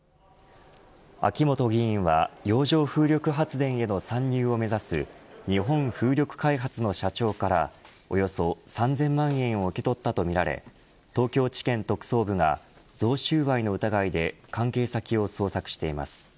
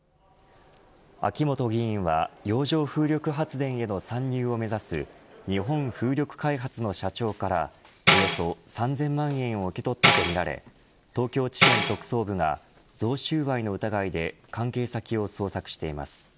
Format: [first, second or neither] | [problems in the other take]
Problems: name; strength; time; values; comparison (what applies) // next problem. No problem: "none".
first | background sound (Tambourine); 1 dB above the speech